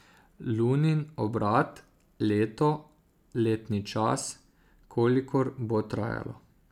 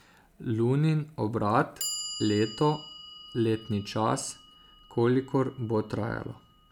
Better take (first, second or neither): first